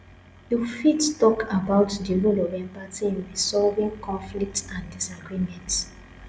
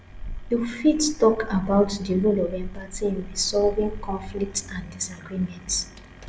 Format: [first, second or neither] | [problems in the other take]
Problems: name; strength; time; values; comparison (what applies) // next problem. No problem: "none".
first | background sound (Keys jangling); 12 dB below the speech